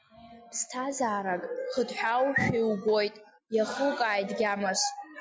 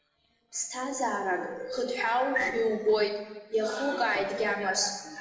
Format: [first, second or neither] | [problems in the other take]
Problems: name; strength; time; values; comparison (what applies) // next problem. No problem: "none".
first | noise reduction (neural separator model SepFormer DNS4)